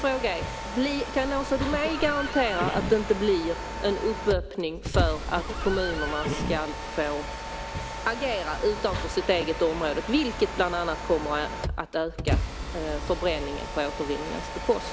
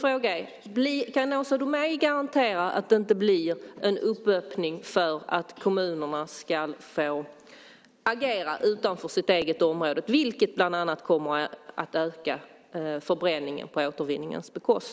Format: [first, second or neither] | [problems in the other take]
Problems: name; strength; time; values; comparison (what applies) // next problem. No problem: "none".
second | background sound (Livestock, farm animals, working animals + Mechanisms); 4 dB below the speech